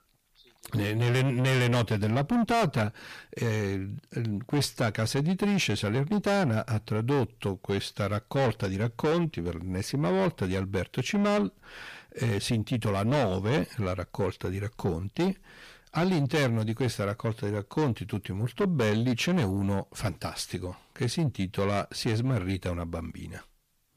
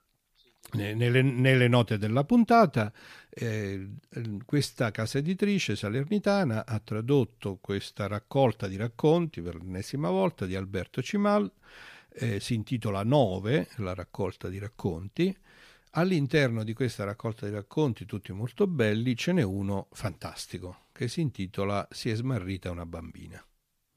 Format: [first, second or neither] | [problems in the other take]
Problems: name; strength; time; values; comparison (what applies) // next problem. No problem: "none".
second | distortion; heavy; 6 dB below the speech